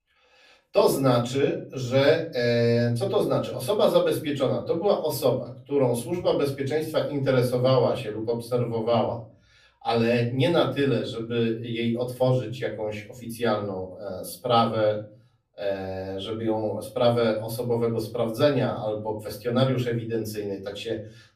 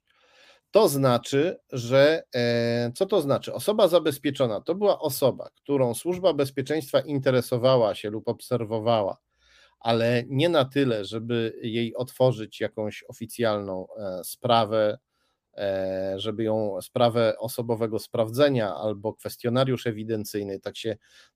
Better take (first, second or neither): second